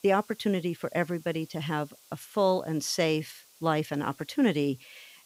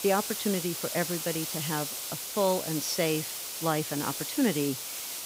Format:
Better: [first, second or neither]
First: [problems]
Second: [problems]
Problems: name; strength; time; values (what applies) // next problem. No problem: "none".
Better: first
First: hiss; faint; throughout; 25 dB below the speech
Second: hiss; loud; throughout; 2 dB below the speech